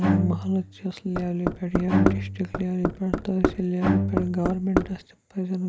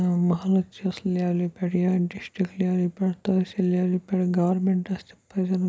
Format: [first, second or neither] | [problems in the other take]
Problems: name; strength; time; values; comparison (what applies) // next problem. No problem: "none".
second | background sound (Bowed string instrument + Knock); 1 dB above the speech